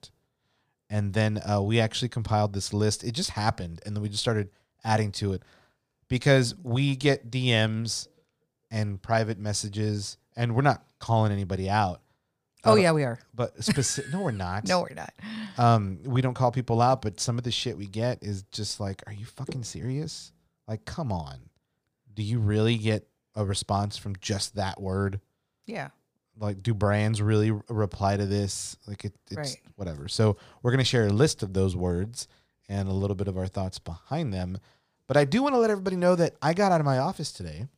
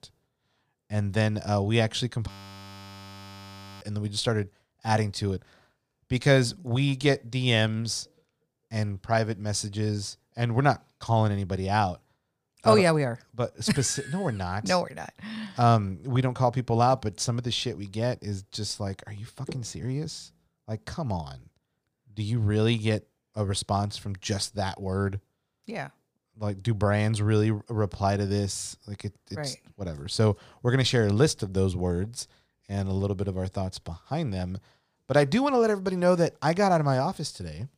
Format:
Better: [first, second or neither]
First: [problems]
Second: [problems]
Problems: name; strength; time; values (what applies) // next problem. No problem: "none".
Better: first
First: none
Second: audio freezing; at 2.5 s for 1.5 s